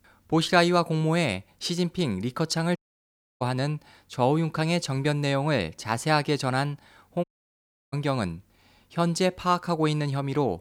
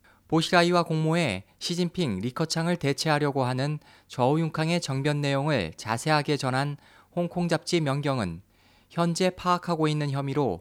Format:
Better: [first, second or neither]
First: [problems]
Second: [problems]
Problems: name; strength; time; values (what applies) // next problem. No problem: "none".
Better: second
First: audio cutting out; at 3 s for 0.5 s and at 7 s for 0.5 s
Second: none